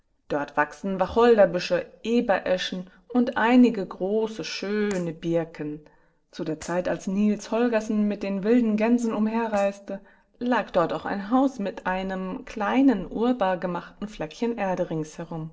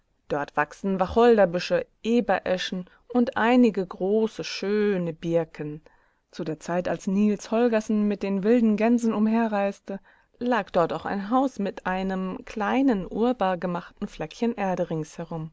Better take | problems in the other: second | noise reduction (neural separator model SepFormer DNS4)

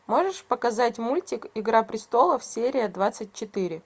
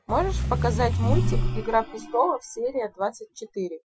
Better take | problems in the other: first | noise reduction (classical method Wiener filter)

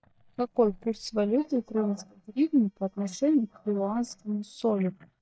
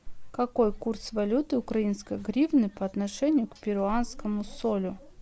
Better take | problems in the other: second | noise reduction (neural mask model DeepFilterNet 3)

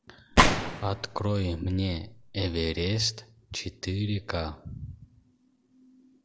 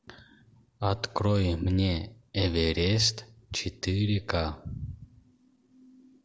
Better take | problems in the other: second | background sound (Gunshot, gunfire); 4 dB above the speech

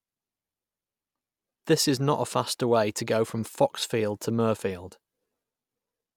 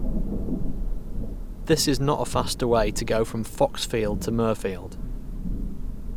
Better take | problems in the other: first | background sound (Thunder / Rain); 1 dB below the speech

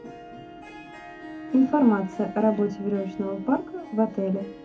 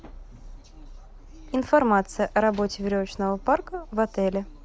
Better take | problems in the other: second | background sound (Harp); 14 dB below the speech // room echo; dies away in 0.3 s

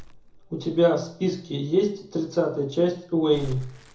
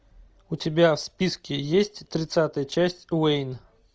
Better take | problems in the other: second | background sound (Crumpling, crinkling); 18 dB below the speech // room echo; dies away in 0.6 s

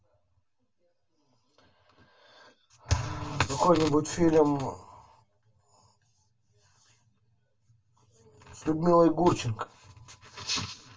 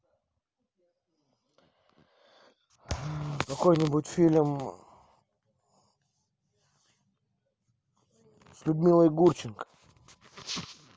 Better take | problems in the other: second | room echo; dies away in 0.2 s

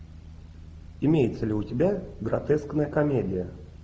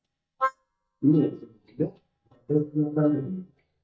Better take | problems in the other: first | noise reduction (neural mask model DeepFilterNet 3)

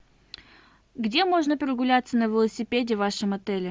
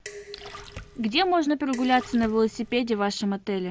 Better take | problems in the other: first | background sound (Dishes, pots, and pans + Splash, splatter); 17 dB below the speech

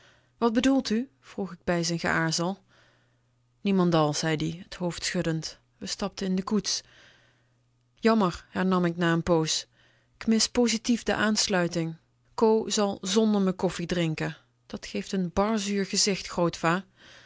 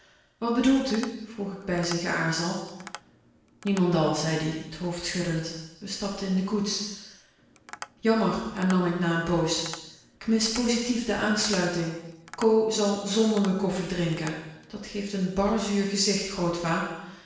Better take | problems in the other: first | background sound (Tap); 19 dB below the speech // room echo; dies away in 0.9 s

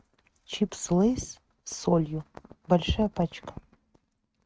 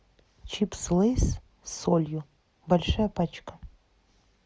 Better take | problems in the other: second | noise reduction (neural mask model RNNoise)

